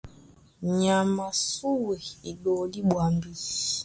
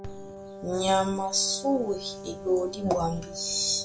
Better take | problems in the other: first | background sound (Wind instrument, woodwind instrument); 13 dB below the speech // room echo; dies away in 0.2 s

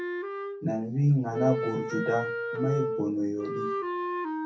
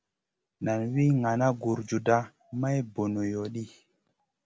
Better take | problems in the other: second | background sound (Wind instrument, woodwind instrument); 3 dB below the speech // room echo; dies away in 0.3 s

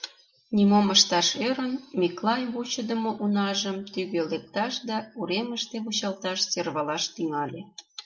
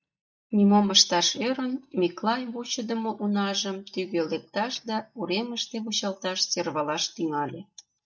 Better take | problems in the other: first | noise reduction (neural mask model DeepFilterNet 3)

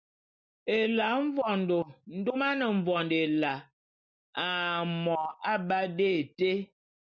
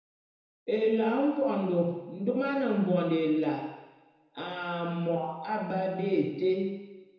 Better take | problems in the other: first | room echo; dies away in 1 s

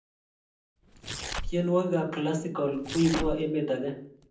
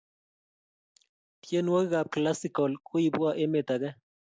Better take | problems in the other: second | background sound (Tearing); 9 dB below the speech // room echo; dies away in 0.6 s

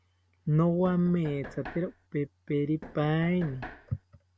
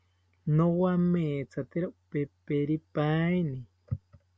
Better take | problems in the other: second | background sound (Knock); 17 dB below the speech

